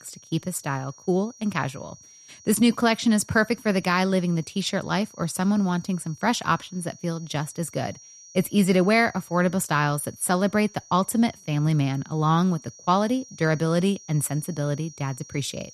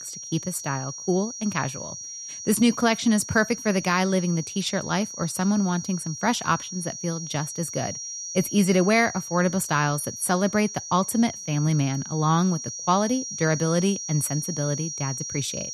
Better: first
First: high-pitched whine; faint; throughout; 6 kHz, 20 dB below the speech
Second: high-pitched whine; loud; throughout; 6 kHz, 8 dB below the speech

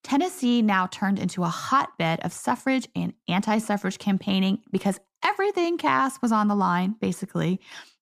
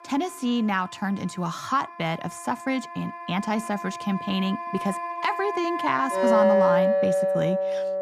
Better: first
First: none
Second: background music; very loud; throughout; 2 dB above the speech

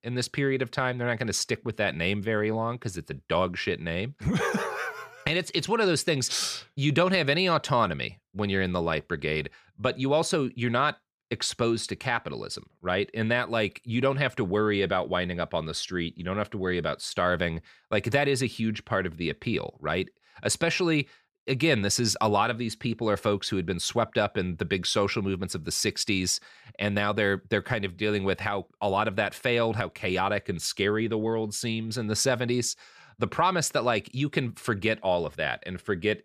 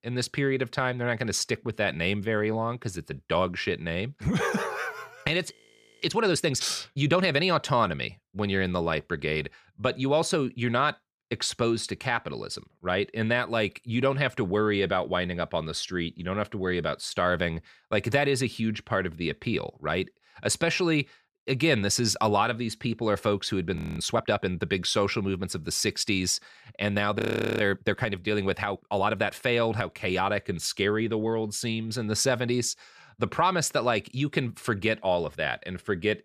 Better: first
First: none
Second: audio freezing; at 5.5 s, at 24 s and at 27 s

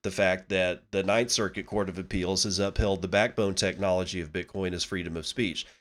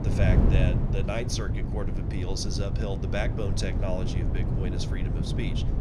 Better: first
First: none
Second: wind noise on the microphone; heavy; 3 dB below the speech

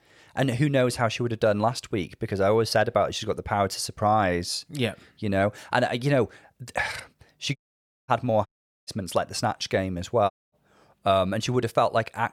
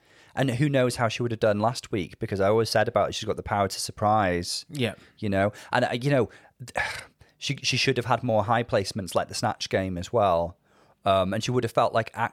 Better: second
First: audio cutting out; at 7.5 s for 0.5 s, at 8.5 s and at 10 s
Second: none

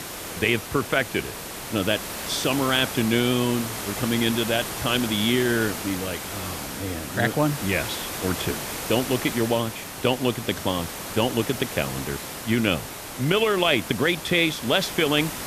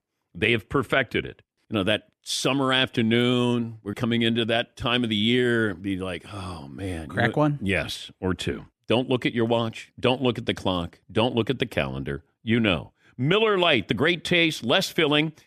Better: second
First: hiss; loud; throughout; 7 dB below the speech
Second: none

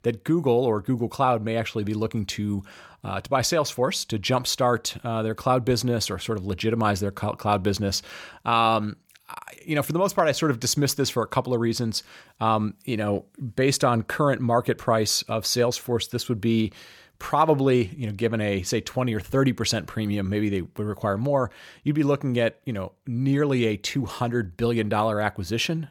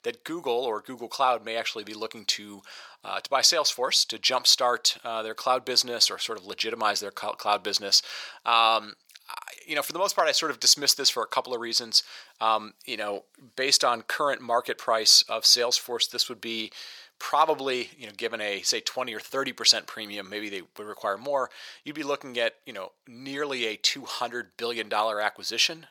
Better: first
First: none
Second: thin; very; fading below 600 Hz

